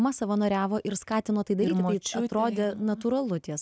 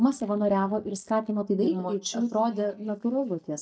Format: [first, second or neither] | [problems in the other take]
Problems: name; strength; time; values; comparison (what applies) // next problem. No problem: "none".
first | noise reduction (neural mask model DeepFilterNet 3)